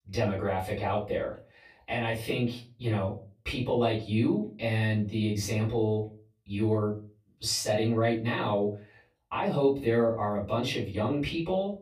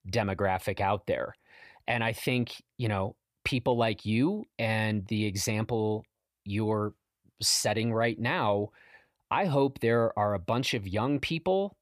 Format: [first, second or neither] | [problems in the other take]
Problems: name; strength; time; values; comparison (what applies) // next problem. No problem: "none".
second | off-mic speech; far // room echo; slight; dies away in 0.3 s